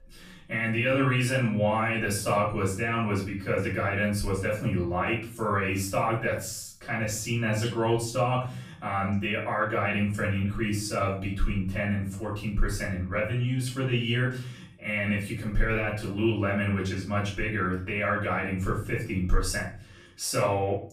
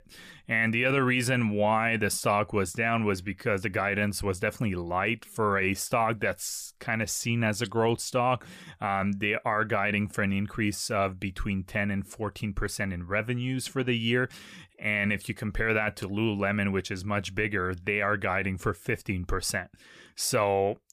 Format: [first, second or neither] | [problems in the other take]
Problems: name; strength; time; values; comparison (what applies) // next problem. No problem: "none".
second | off-mic speech; far // room echo; noticeable; dies away in 0.5 s